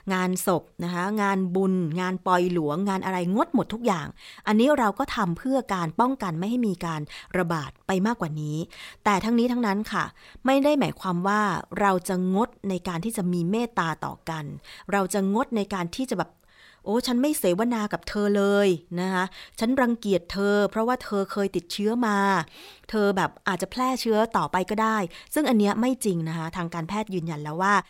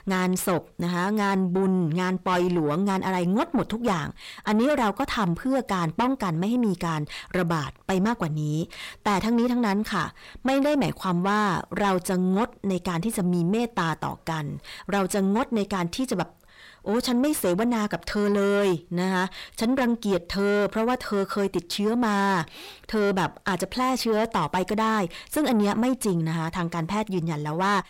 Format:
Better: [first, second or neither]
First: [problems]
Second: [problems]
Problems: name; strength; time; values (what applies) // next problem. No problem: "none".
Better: first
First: none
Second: distortion; slight; 10 dB below the speech